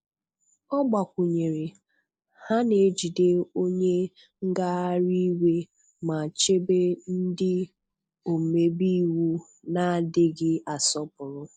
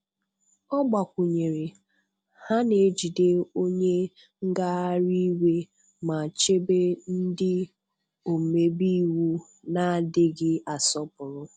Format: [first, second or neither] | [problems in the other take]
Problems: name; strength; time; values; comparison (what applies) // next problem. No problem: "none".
second | noise reduction (neural mask model Resemble Enhance denoiser)